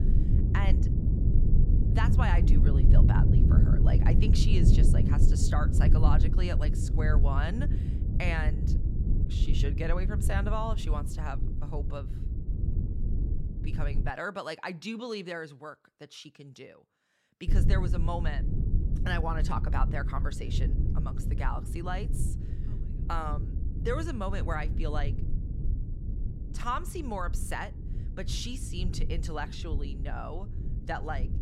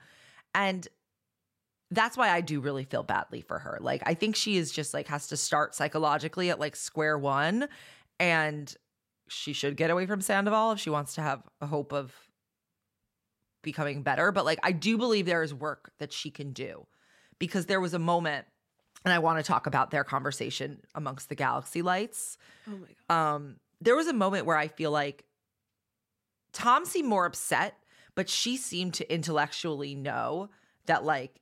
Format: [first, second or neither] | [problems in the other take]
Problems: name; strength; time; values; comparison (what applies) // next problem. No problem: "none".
second | low rumble; loud; until 14 s and from 17 s on; 6 dB below the speech